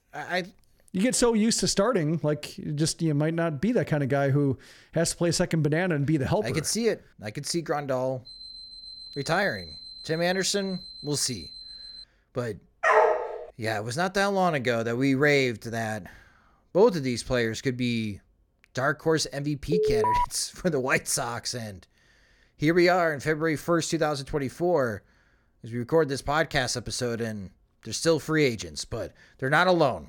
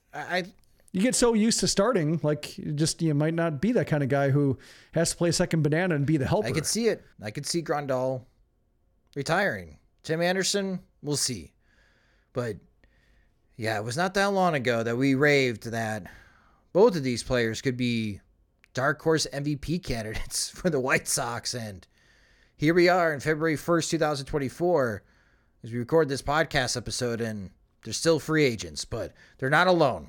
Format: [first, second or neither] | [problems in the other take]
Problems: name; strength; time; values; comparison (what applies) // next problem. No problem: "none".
second | alarm; faint; from 8.5 to 12 s; peak 15 dB below the speech // dog barking; loud; at 13 s; peak 6 dB above the speech // alarm; loud; at 20 s; peak 3 dB above the speech